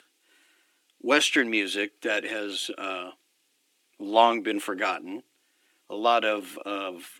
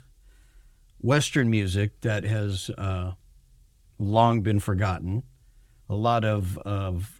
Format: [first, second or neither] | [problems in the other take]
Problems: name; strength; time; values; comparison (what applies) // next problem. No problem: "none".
second | thin; somewhat; fading below 300 Hz